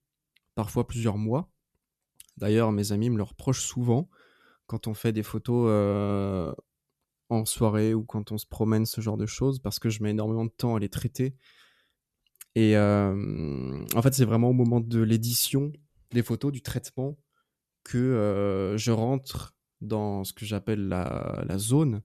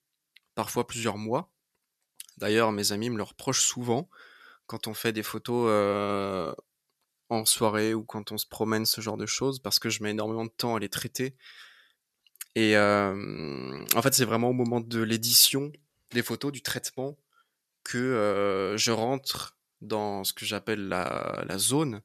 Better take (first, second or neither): first